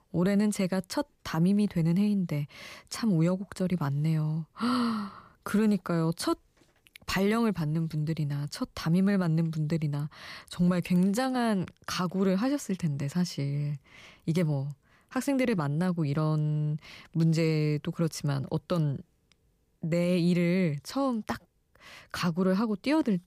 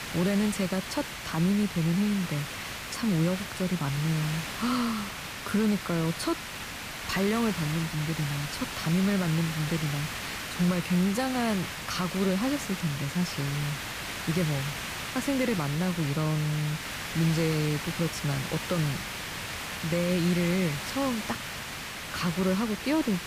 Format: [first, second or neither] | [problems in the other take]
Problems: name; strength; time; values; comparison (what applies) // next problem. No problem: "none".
first | hiss; loud; throughout; 5 dB below the speech